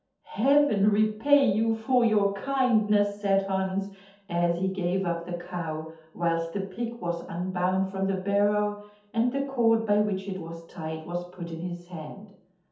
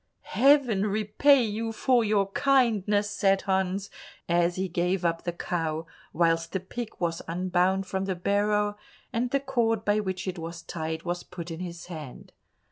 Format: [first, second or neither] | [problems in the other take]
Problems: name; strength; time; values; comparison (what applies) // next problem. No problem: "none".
second | room echo; dies away in 0.6 s